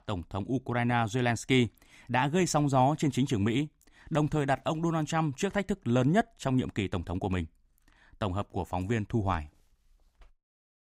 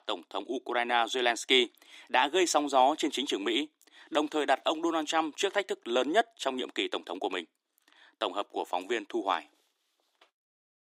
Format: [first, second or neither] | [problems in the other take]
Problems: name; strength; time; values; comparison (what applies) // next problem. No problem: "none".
first | thin; somewhat; fading below 300 Hz